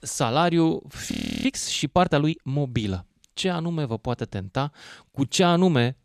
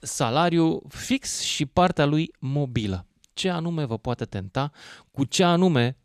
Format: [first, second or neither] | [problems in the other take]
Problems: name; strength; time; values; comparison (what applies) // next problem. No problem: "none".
second | audio freezing; at 1 s